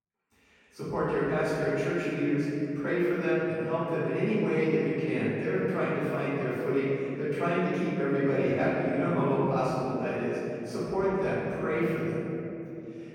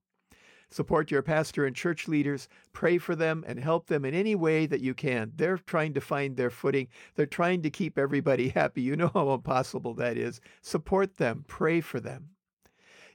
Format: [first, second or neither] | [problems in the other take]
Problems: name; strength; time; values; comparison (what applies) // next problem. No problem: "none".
second | room echo; strong; dies away in 3 s // off-mic speech; far